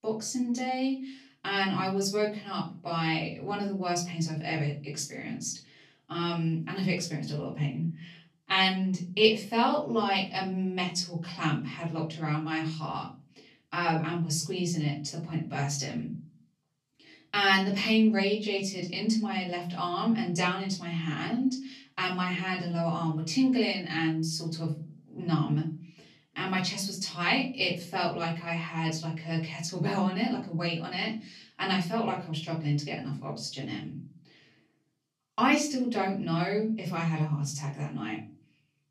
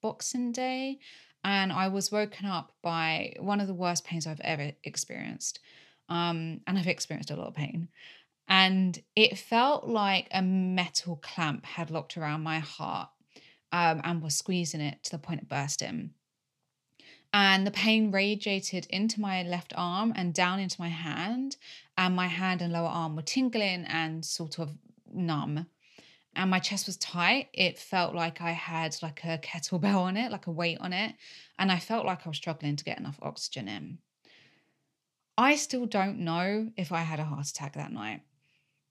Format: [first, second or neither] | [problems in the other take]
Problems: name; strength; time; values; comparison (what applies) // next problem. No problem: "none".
second | off-mic speech; far // room echo; slight; dies away in 0.4 s